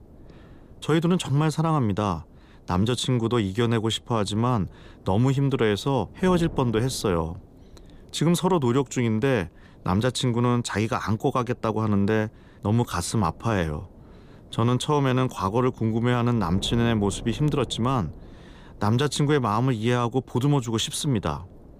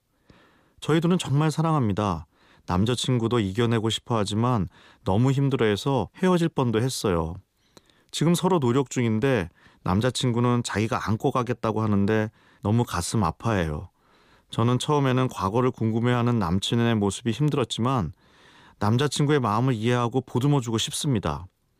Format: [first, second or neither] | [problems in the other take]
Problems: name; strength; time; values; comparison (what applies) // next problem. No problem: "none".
second | wind noise on the microphone; occasional gusts; 25 dB below the speech